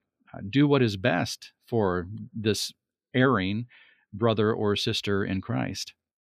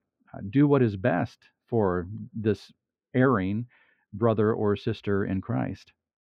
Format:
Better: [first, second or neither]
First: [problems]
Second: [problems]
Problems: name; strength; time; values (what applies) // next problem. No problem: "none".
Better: first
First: none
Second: muffled; very; fading above 3 kHz